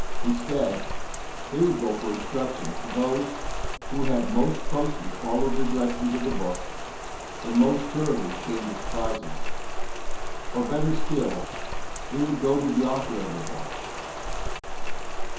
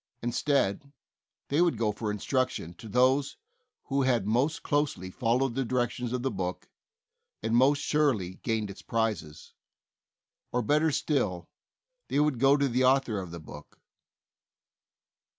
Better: second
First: background sound (Rain); as loud as the speech // room echo; dies away in 0.6 s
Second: none

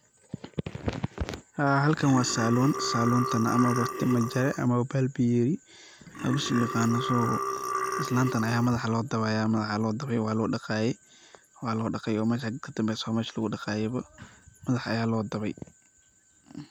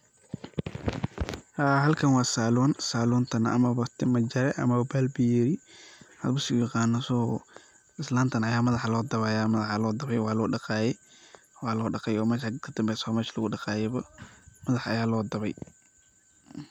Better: second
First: background sound (Burping, eructation); 5 dB below the speech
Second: none

